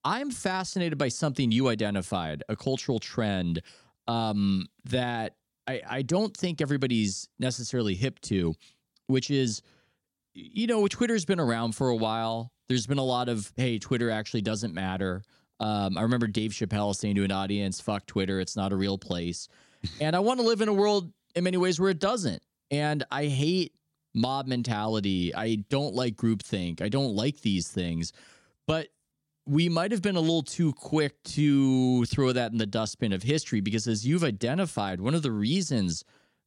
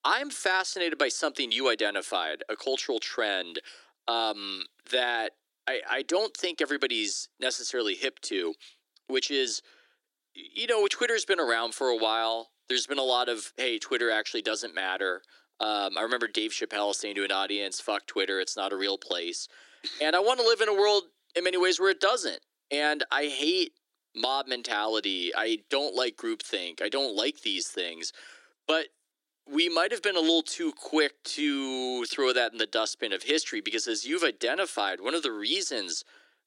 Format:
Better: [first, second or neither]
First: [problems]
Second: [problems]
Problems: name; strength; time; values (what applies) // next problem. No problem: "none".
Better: first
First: none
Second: thin; very; fading below 300 Hz